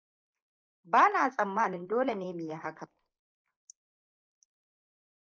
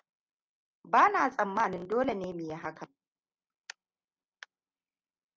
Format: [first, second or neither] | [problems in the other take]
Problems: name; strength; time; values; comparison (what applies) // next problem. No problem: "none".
second | noise reduction (neural mask model Resemble Enhance denoiser)